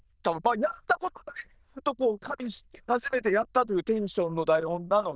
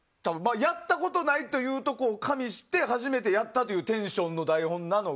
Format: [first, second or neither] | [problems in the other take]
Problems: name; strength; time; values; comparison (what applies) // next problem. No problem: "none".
second | noise reduction (neural diffusion model UNIVERSE++)